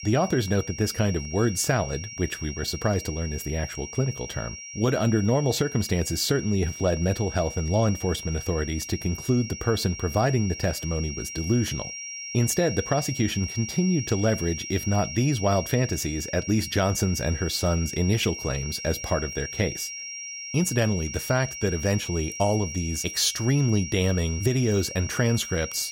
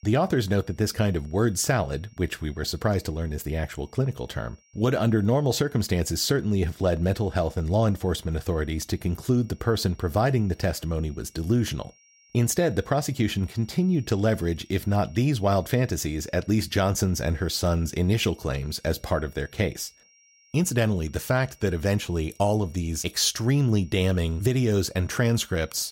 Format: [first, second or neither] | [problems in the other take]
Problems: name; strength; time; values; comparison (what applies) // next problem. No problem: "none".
second | high-pitched whine; loud; throughout; 5.5 kHz, 9 dB below the speech; faint in the second